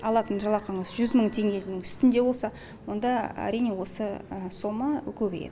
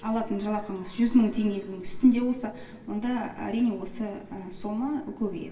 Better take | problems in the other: first | room echo; dies away in 0.9 s

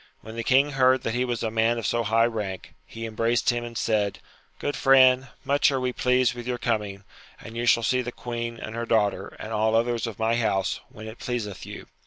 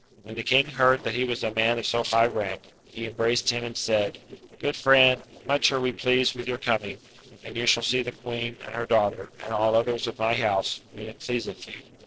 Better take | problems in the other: first | noise reduction (neural separator model SepFormer DNS4)

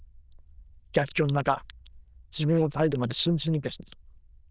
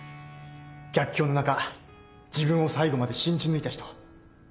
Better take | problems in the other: second | noise reduction (neural diffusion model UNIVERSE++)

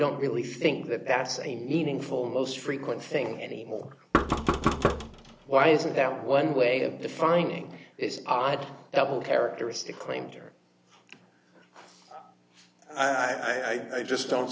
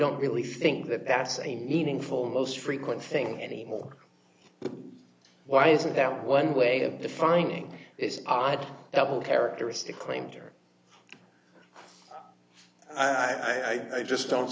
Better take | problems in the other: second | background sound (Knock); as loud as the speech

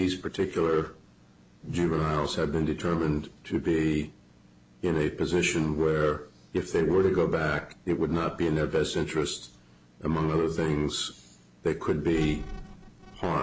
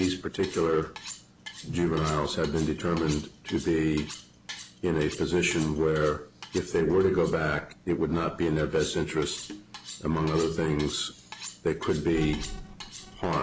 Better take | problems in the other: first | background sound (Cutlery, silverware); 17 dB below the speech

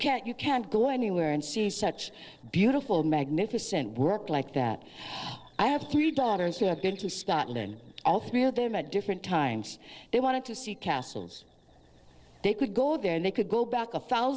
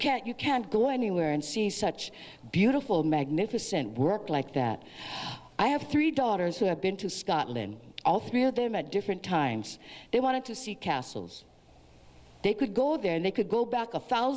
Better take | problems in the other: second | noise reduction (neural separator model SepFormer DNS4)

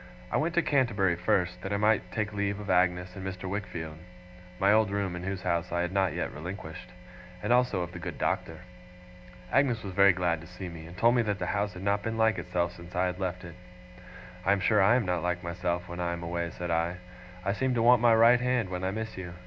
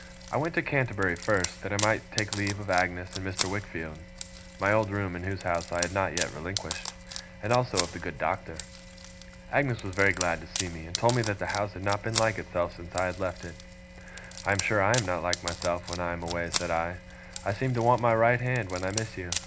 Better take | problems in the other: first | background sound (Wood); 10 dB below the speech

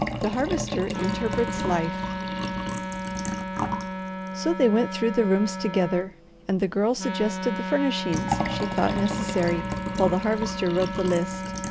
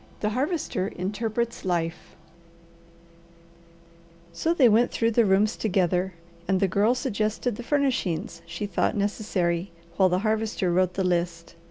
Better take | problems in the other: second | background sound (Liquid + Wind instrument, woodwind instrument); 3 dB below the speech

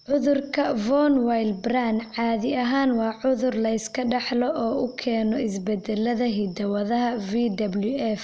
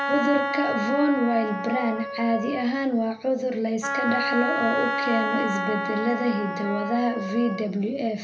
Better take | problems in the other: first | background sound (Wind instrument, woodwind instrument); 4 dB below the speech // room echo; dies away in 0.3 s

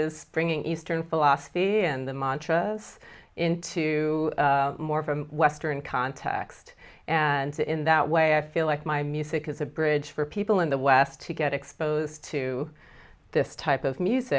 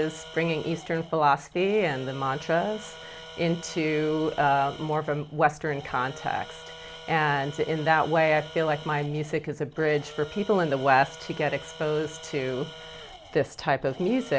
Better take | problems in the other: first | background sound (Tools); 17 dB below the speech

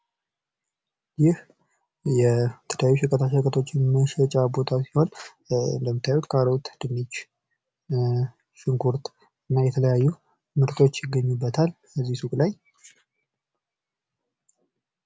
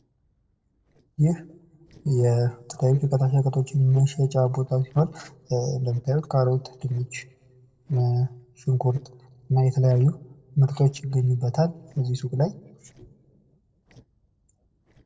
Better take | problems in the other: first | noise reduction (neural separator model SepFormer DNS4)

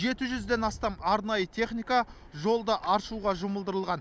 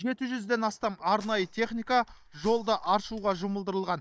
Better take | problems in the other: first | noise reduction (neural mask model DeepFilterNet 3)

